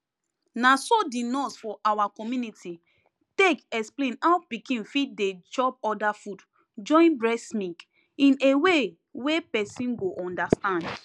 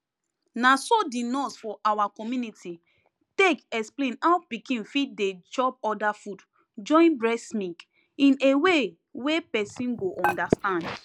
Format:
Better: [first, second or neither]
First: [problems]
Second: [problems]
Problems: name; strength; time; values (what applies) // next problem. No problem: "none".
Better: first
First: none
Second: background sound (Dishes, pots, and pans); 7 dB below the speech